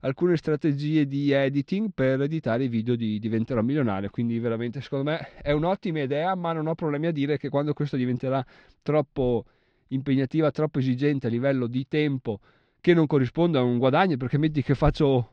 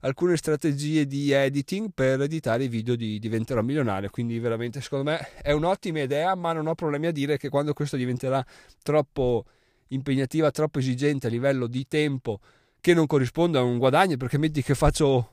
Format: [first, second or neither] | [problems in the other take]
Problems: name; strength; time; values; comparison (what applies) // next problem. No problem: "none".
second | muffled; very slightly; fading above 4.5 kHz